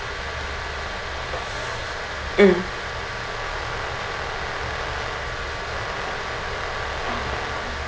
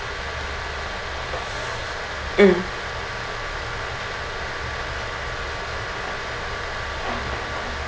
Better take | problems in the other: second | background sound (Brass instrument); 9 dB below the speech

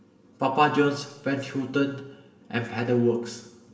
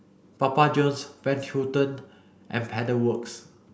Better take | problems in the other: second | room echo; dies away in 0.9 s

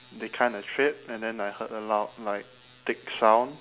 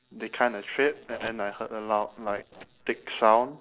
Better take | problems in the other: first | noise reduction (neural separator model SepFormer DNS4)

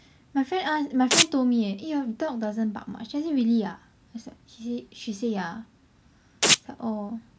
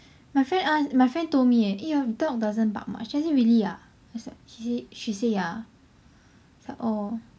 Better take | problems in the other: second | background sound (Domestic sounds, home sounds); 3 dB above the speech

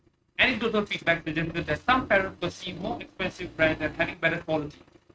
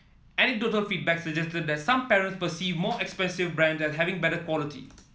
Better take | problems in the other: second | noise reduction (neural mask model RNNoise)

